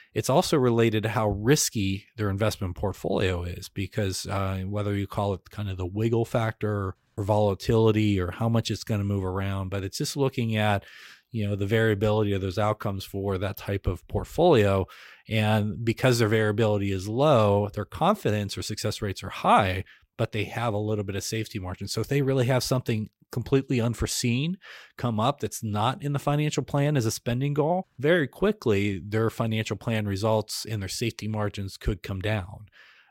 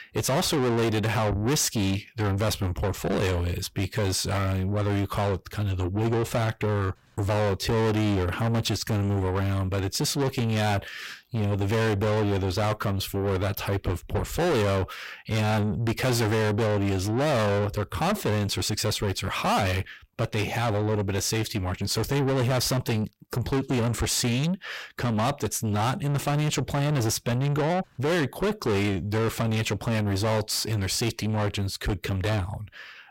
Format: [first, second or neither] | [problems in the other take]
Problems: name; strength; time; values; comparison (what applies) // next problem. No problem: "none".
first | distortion; heavy; 6 dB below the speech